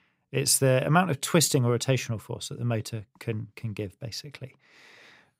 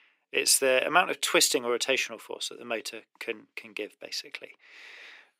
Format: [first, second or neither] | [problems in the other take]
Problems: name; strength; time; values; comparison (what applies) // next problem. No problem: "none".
first | thin; very; fading below 300 Hz